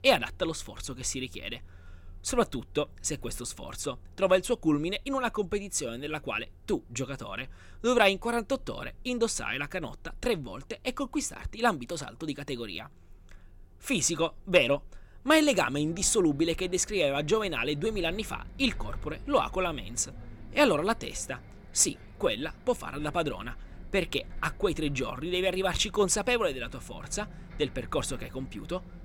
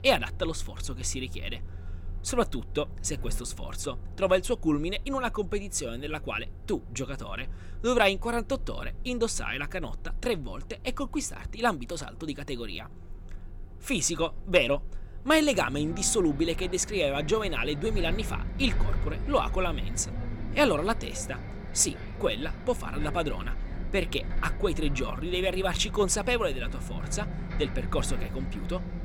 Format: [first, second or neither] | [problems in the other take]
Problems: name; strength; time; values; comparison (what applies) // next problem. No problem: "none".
first | traffic noise; loud; throughout; 10 dB below the speech; faint in the first